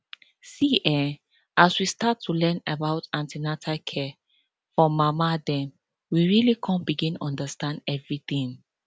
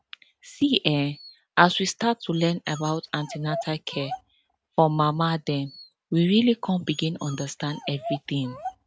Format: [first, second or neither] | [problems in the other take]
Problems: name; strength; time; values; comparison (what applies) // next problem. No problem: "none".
first | background sound (Dog); 16 dB below the speech